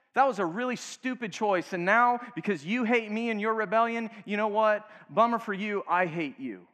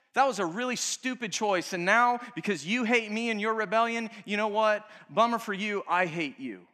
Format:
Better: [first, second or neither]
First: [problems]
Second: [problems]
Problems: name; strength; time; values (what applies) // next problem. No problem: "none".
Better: second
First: muffled; slightly; fading above 3 kHz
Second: none